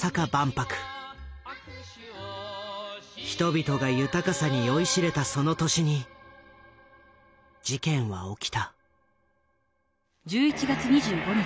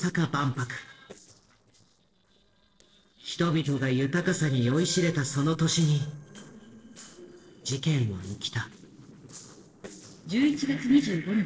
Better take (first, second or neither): first